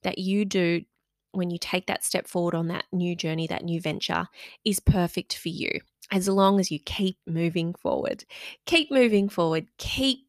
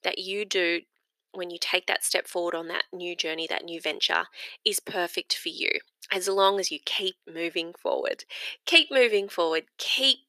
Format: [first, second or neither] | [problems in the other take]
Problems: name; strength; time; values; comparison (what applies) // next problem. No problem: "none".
first | thin; very; fading below 400 Hz